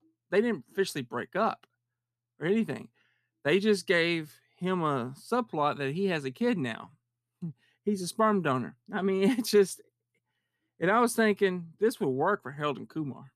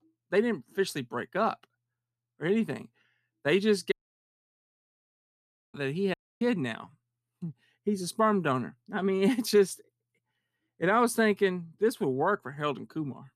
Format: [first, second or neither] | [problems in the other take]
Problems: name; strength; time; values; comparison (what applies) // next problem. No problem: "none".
first | audio cutting out; at 4 s for 2 s and at 6 s